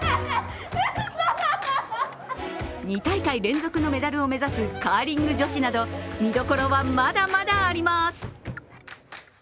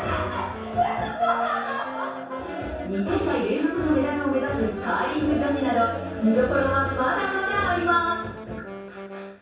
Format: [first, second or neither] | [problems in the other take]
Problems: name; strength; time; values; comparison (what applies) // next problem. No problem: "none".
first | background sound (Wind instrument, woodwind instrument); 13 dB below the speech // room echo; dies away in 0.7 s